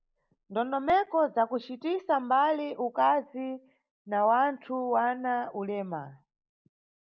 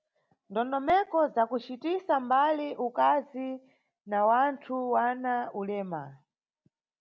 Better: second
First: noise reduction (neural mask model Resemble Enhance denoiser)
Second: none

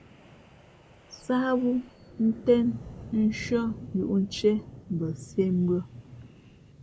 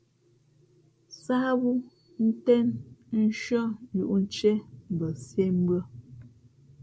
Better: second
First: background sound (Wind); 18 dB below the speech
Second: none

